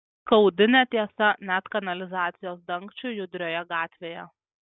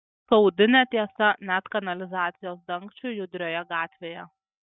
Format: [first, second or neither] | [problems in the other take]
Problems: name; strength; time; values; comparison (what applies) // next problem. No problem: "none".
first | noise reduction (neural mask model DeepFilterNet 3)